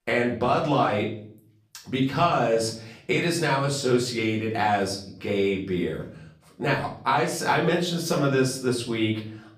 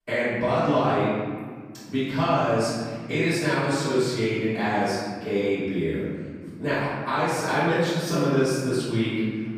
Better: first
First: room echo; slight; dies away in 0.5 s // off-mic speech; far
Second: room echo; strong; dies away in 1.9 s // off-mic speech; far

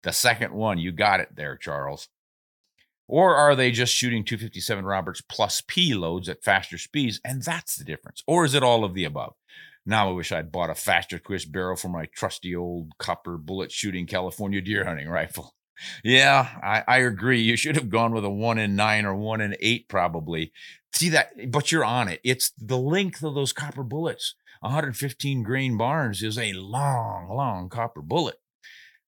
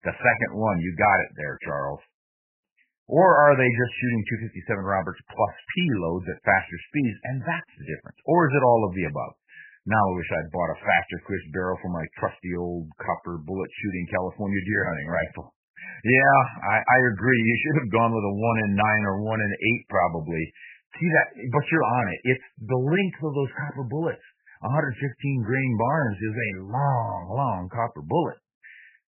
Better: first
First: none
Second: garbled, watery; badly; nothing above 2.5 kHz

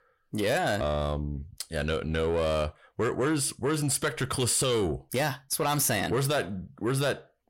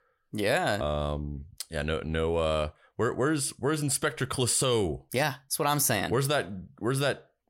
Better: second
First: distortion; slight; 10 dB below the speech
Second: none

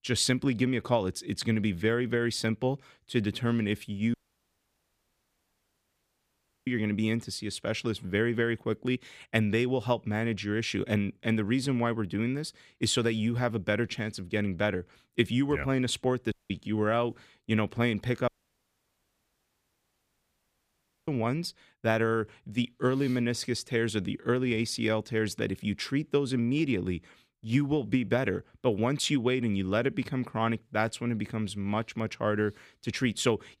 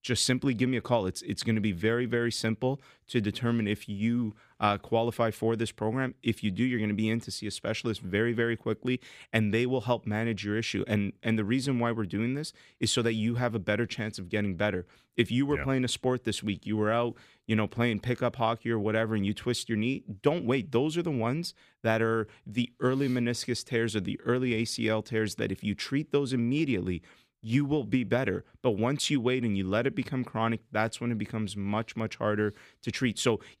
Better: second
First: audio cutting out; at 4 s for 2.5 s, at 16 s and at 18 s for 3 s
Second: none

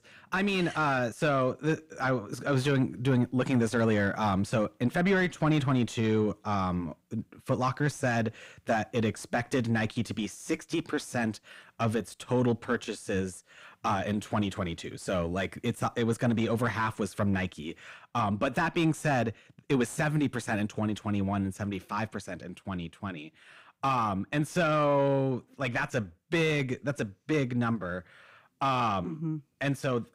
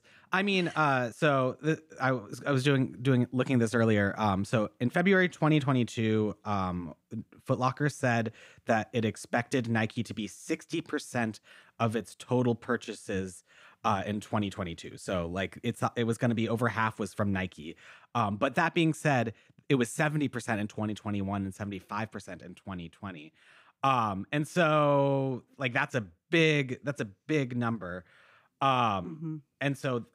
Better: second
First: distortion; slight; 10 dB below the speech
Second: none

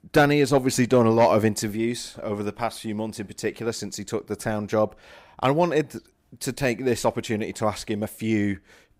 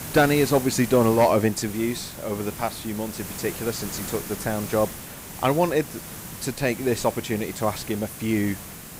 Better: first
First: none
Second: hiss; noticeable; throughout; 10 dB below the speech

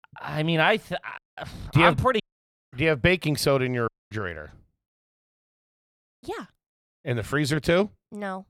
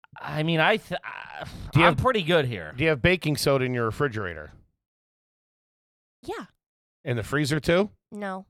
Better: second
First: audio cutting out; at 1 s, at 2 s for 0.5 s and at 4 s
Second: none

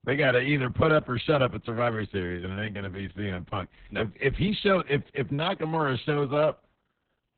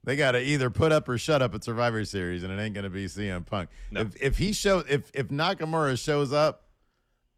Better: second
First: garbled, watery; badly; nothing above 4 kHz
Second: none

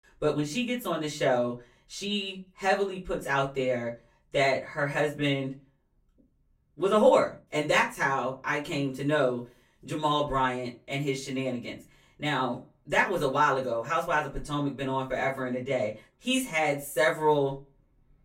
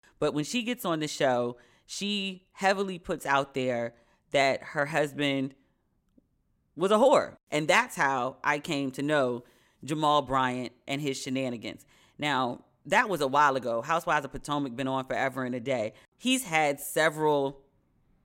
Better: second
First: off-mic speech; far // room echo; very slight; dies away in 0.2 s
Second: none

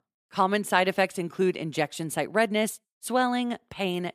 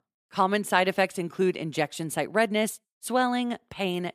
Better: neither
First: none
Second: none

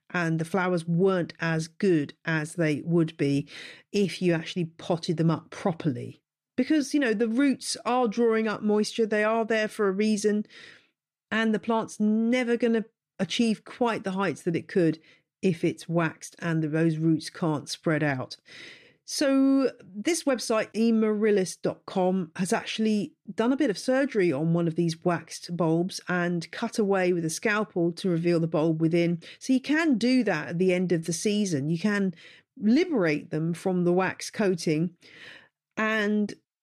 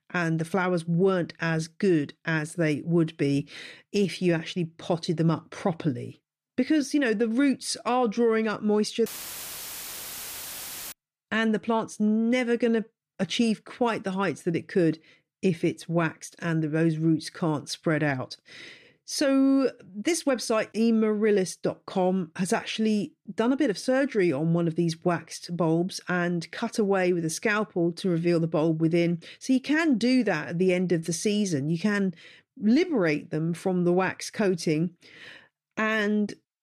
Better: first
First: none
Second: audio cutting out; filled with static; at 9 s for 2 s

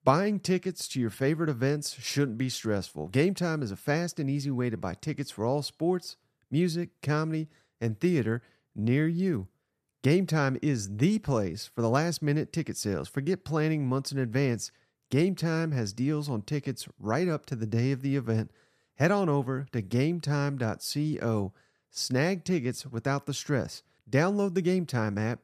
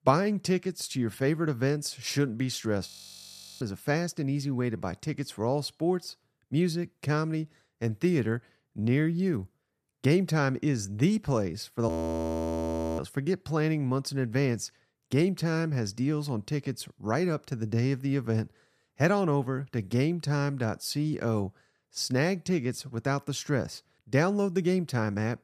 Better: first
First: none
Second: audio freezing; at 3 s for 0.5 s and at 12 s for 1 s

